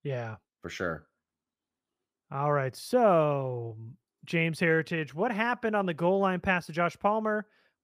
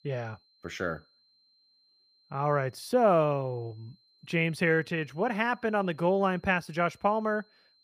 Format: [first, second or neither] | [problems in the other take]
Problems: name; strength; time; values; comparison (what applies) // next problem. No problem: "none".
first | high-pitched whine; faint; throughout; 4 kHz, 35 dB below the speech